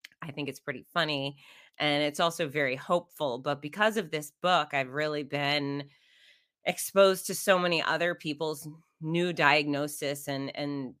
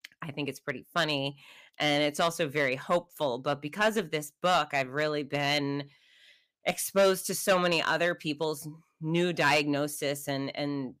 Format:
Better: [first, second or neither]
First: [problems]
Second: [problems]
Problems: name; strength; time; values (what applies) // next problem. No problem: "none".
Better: first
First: none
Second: distortion; slight; 2% of the sound clipped